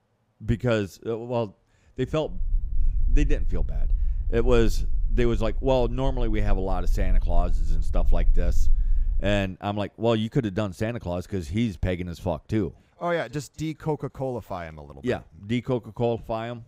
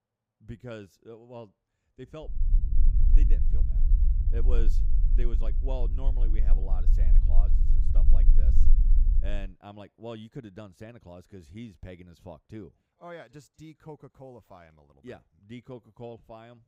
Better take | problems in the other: first | low rumble; loud; from 2.5 to 9.5 s; 5 dB below the speech; faint in the first

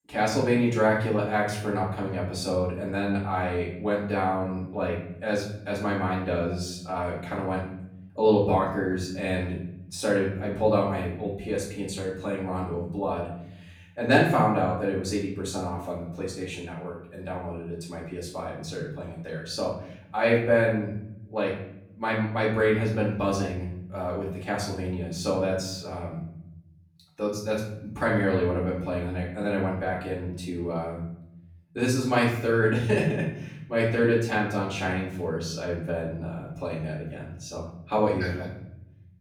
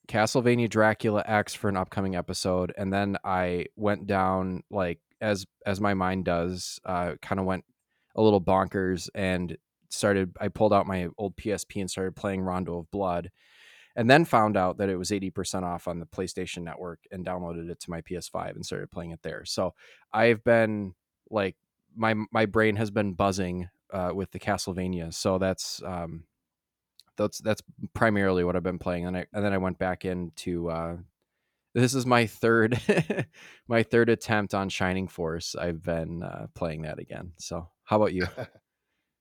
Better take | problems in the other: second | off-mic speech; far // room echo; noticeable; dies away in 0.9 s

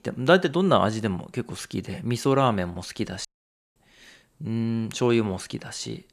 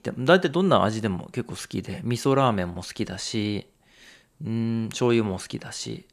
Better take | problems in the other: second | audio cutting out; at 3.5 s for 0.5 s

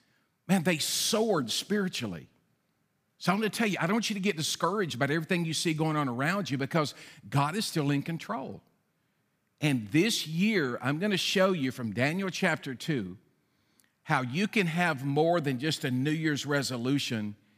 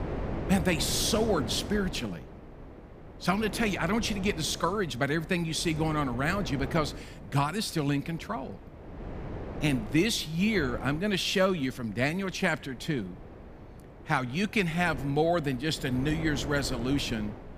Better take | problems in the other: first | wind noise on the microphone; occasional gusts; 15 dB below the speech

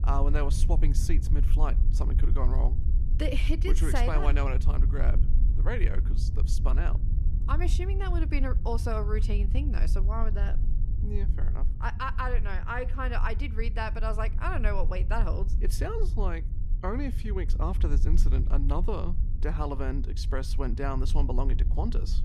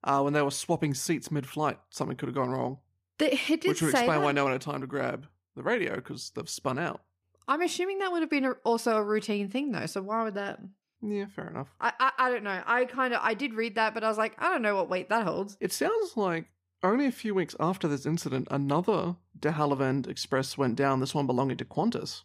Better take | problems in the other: second | wind noise on the microphone; occasional gusts; 10 dB below the speech

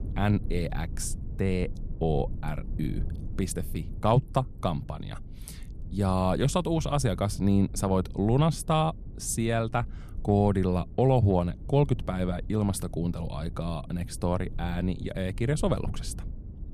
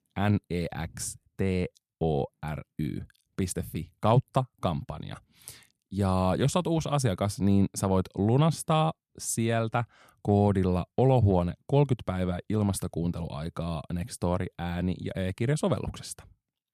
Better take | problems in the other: second | low rumble; faint; throughout; 20 dB below the speech

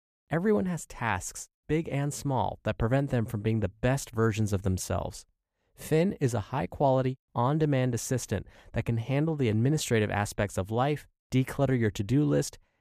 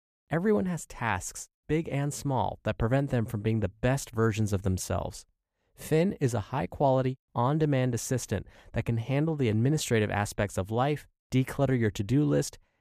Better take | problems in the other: neither | none

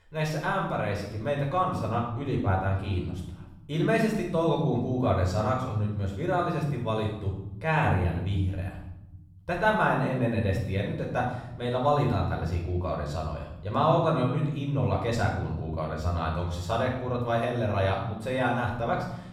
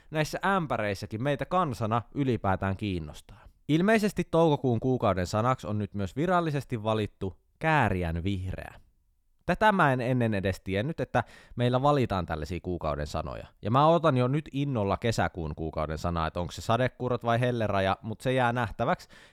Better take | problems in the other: second | off-mic speech; far // room echo; noticeable; dies away in 0.9 s

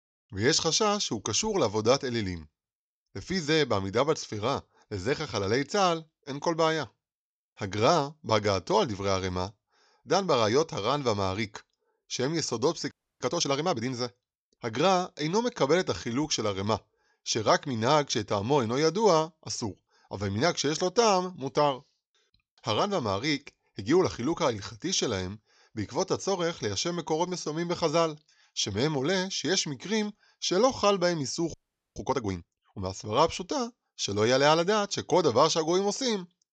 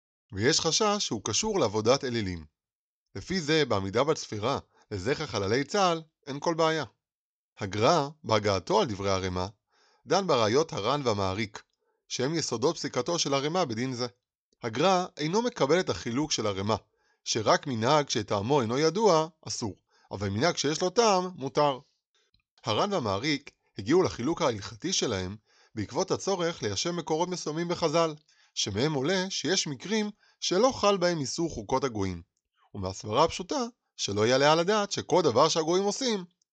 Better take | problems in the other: second | audio freezing; at 13 s and at 32 s

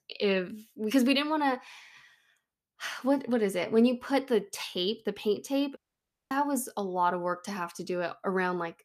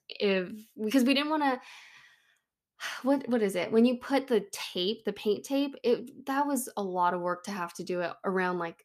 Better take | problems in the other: second | audio cutting out; at 6 s for 0.5 s

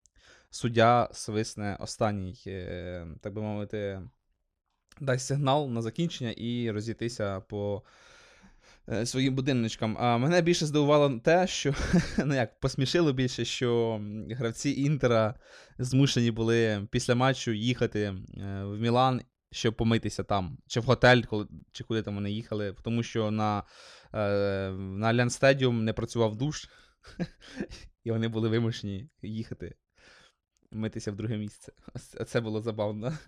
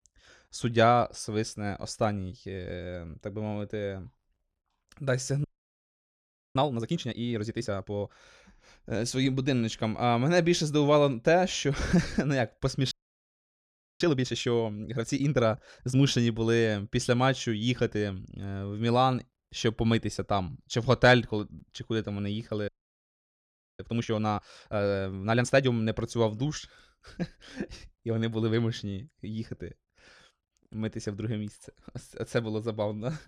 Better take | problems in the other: first | audio freezing; at 5.5 s for 1 s, at 13 s for 1 s and at 23 s for 1 s

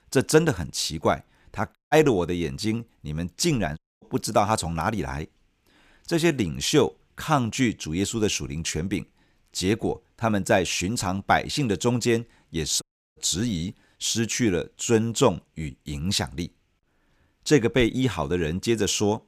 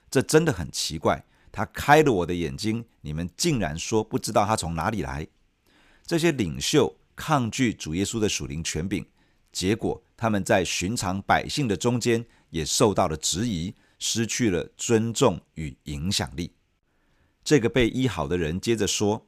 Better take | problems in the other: second | audio cutting out; at 2 s, at 4 s and at 13 s

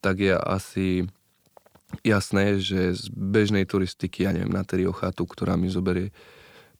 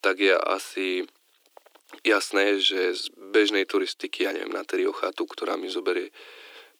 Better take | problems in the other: first | thin; very; fading below 300 Hz

